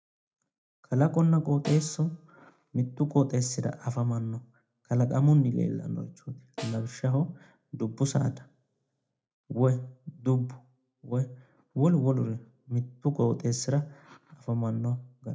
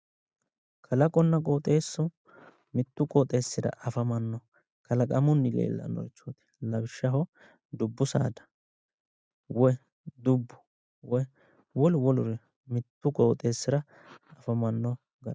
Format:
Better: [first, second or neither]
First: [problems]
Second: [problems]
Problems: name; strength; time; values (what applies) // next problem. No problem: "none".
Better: second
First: background sound (Snare drum); 18 dB below the speech // room echo; dies away in 0.2 s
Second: none